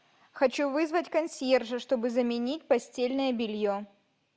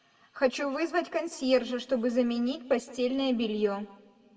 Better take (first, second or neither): first